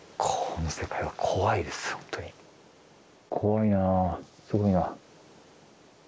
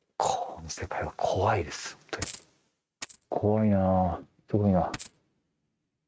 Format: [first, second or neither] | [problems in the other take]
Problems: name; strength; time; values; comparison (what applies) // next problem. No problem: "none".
first | noise reduction (neural mask model RNNoise)